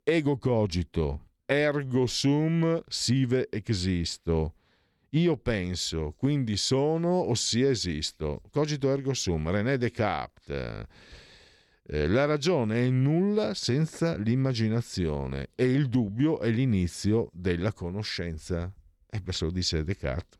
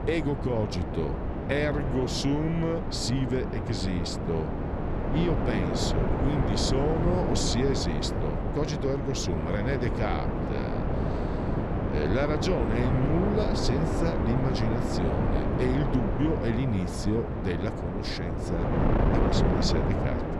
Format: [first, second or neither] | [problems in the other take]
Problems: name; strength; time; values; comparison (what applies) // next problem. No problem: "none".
first | wind noise on the microphone; heavy; as loud as the speech